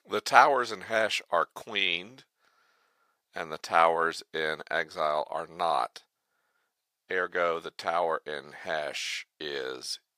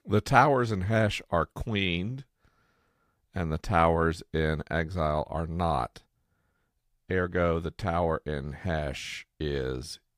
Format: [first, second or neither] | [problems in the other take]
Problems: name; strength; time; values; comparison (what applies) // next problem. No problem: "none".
second | thin; very; fading below 600 Hz